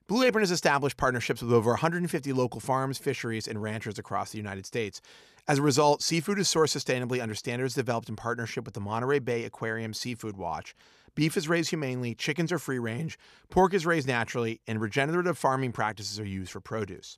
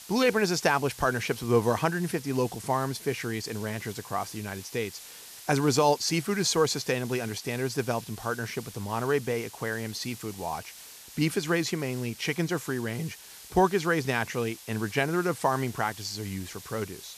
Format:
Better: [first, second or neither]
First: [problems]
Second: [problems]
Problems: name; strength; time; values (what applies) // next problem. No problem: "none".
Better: first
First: none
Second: hiss; noticeable; throughout; 15 dB below the speech